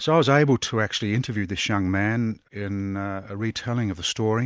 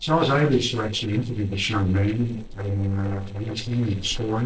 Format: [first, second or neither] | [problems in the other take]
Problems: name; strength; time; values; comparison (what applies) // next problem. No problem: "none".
first | noise reduction (neural separator model SepFormer DNS4)